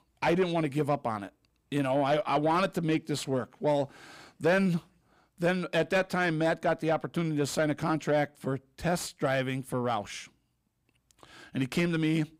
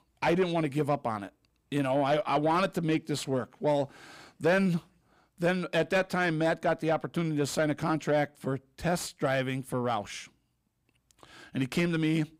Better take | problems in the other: neither | distortion; slight; 10 dB below the speech; the same in both

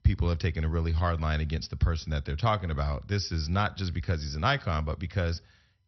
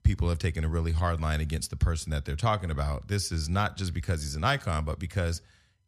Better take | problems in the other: second | garbled, watery; slightly; nothing above 6 kHz

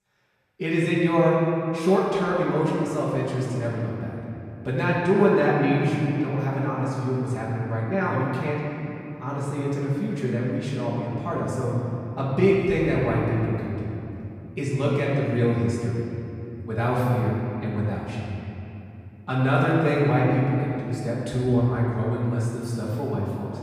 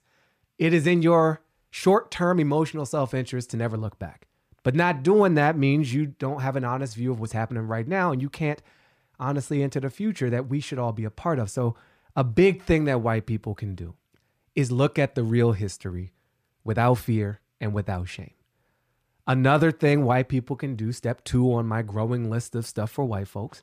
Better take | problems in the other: second | off-mic speech; far // room echo; strong; dies away in 2.8 s

